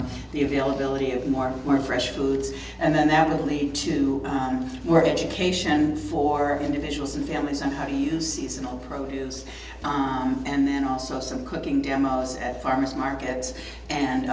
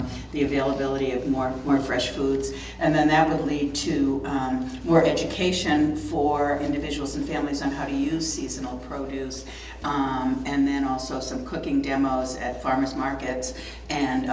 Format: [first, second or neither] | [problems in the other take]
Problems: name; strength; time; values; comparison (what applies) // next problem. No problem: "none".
second | background sound (Wind instrument, woodwind instrument); 19 dB below the speech